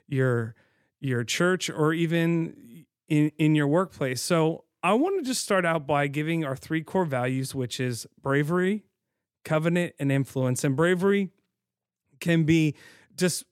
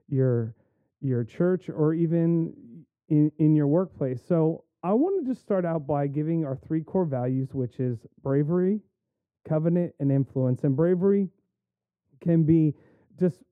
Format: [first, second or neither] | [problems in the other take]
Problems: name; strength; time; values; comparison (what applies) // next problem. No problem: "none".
first | muffled; very; fading above 1.5 kHz